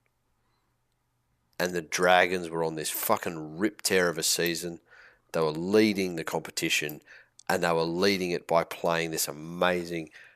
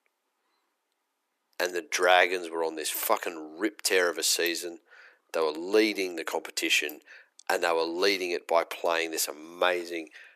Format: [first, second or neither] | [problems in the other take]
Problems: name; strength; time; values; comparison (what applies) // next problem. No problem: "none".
first | thin; somewhat; fading below 300 Hz